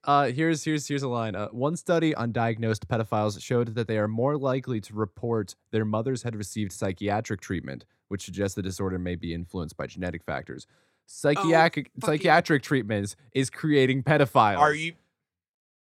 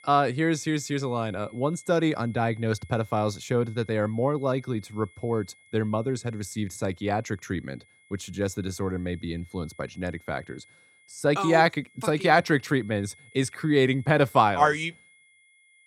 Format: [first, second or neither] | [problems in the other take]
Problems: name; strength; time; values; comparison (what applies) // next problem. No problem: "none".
first | high-pitched whine; faint; throughout; 2 kHz, 25 dB below the speech